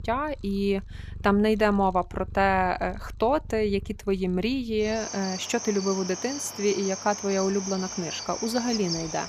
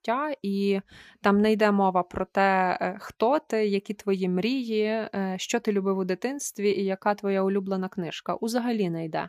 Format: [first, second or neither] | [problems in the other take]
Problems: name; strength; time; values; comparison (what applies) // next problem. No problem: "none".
second | animal sounds; loud; throughout; 10 dB below the speech